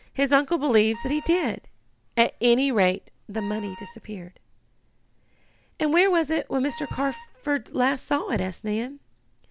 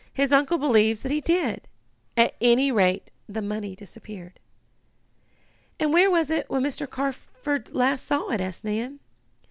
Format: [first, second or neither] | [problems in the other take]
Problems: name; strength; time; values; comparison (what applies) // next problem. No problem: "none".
second | background sound (Knock + Wind instrument, woodwind instrument); 17 dB below the speech